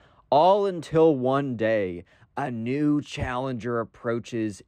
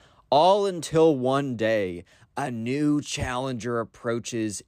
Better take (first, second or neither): second